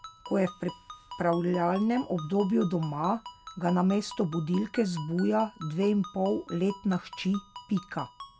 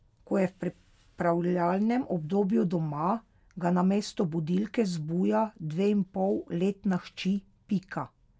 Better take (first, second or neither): second